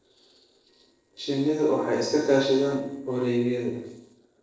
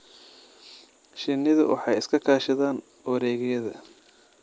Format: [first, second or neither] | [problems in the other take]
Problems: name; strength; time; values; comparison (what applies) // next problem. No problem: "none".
second | noise reduction (neural separator model SepFormer DNS4)